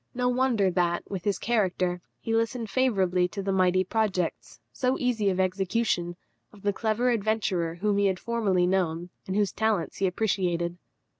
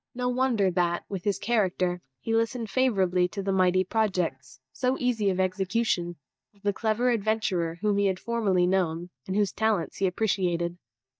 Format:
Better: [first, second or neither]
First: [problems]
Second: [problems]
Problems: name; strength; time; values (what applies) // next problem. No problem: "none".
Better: first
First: none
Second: noise reduction (neural mask model DeepFilterNet 3)